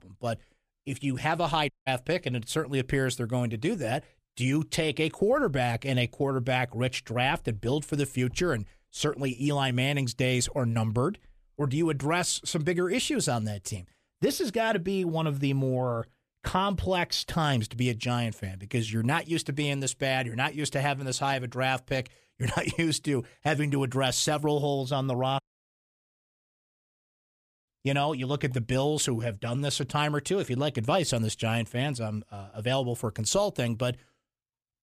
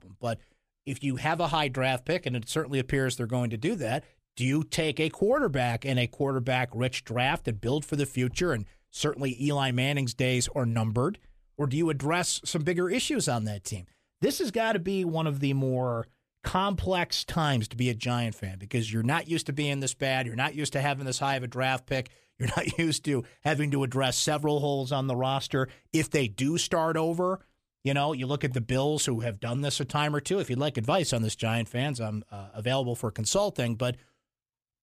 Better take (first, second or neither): second